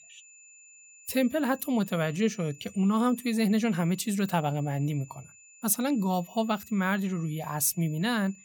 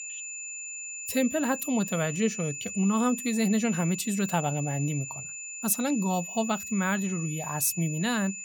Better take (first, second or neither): first